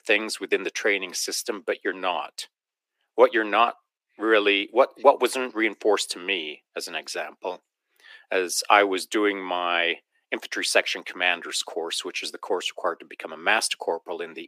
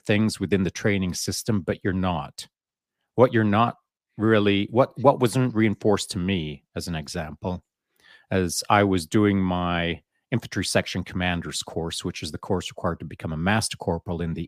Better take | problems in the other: second | thin; very; fading below 350 Hz

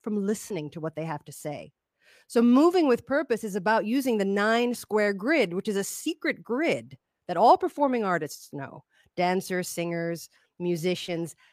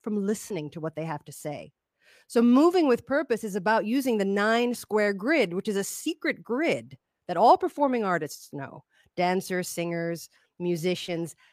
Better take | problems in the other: neither | none

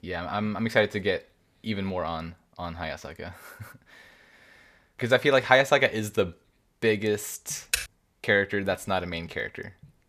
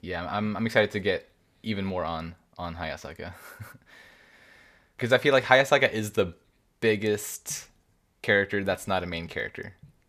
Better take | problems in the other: second | keyboard typing; noticeable; at 7.5 s; peak 3 dB below the speech

